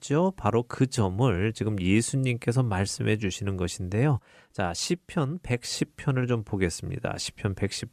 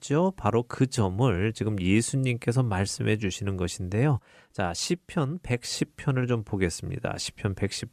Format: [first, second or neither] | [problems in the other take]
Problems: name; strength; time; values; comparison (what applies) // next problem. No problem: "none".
neither | none